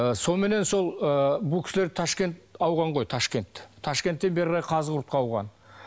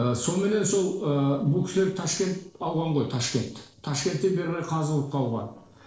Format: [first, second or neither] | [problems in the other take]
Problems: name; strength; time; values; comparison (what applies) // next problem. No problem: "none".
first | noise reduction (neural separator model SepFormer DNS4)